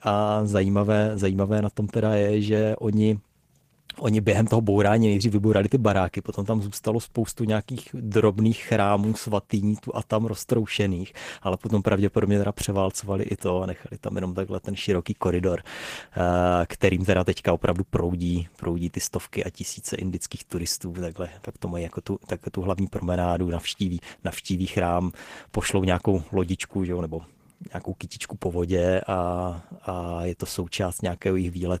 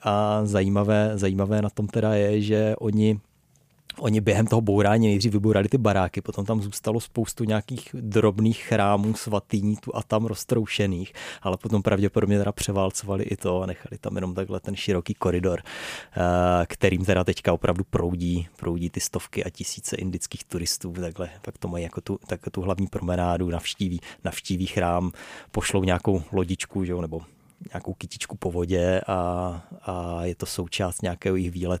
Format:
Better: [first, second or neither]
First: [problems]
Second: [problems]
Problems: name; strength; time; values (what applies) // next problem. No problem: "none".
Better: second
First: garbled, watery; slightly; nothing above 15 kHz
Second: none